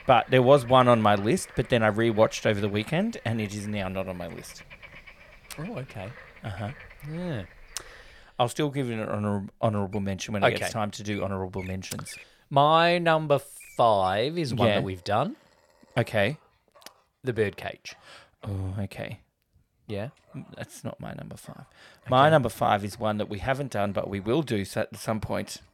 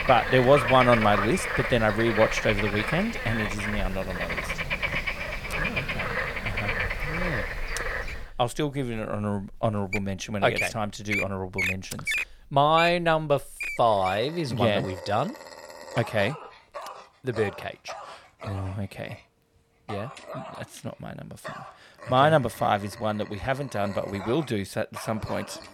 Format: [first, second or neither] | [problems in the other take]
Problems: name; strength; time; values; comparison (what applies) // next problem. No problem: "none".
first | animal sounds; loud; throughout; 5 dB below the speech; faint in the first